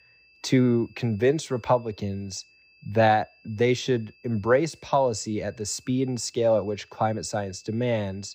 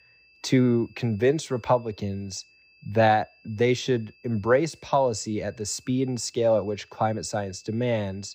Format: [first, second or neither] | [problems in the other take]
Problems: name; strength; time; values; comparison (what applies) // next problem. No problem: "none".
neither | high-pitched whine; faint; throughout; 2.5 kHz, 30 dB below the speech; the same in both